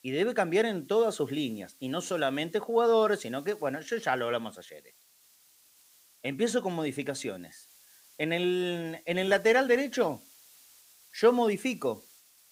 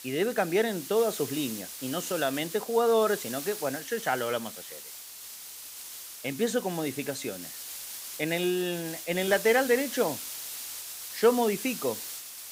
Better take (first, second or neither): first